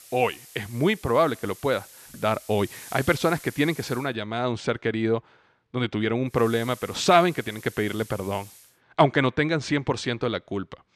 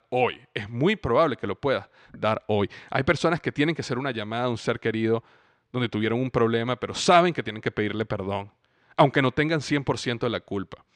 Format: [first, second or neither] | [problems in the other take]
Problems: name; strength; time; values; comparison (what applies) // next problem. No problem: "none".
second | hiss; noticeable; until 4 s and from 6.5 to 8.5 s; 20 dB below the speech